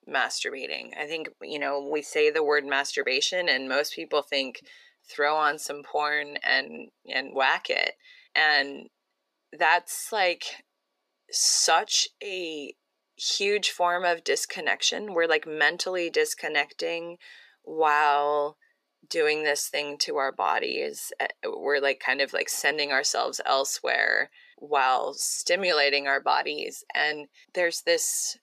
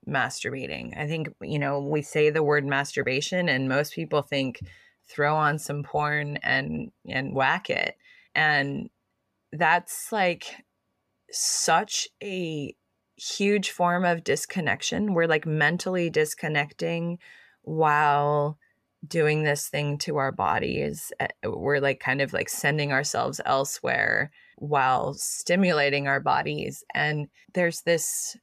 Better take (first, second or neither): second